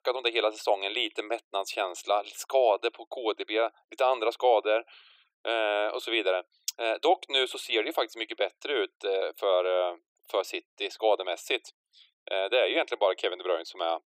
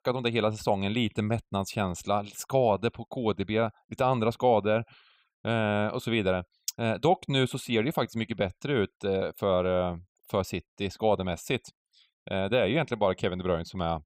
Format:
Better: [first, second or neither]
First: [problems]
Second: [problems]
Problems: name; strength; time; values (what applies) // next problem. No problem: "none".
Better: second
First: thin; very; fading below 350 Hz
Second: none